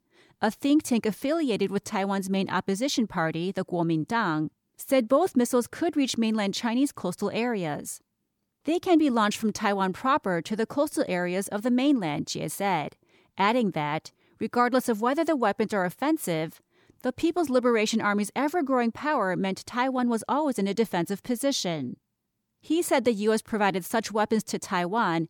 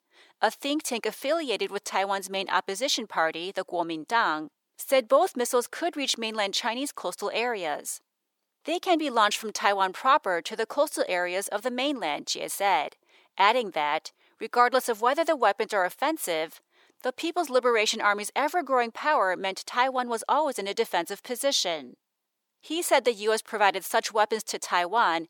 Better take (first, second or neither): first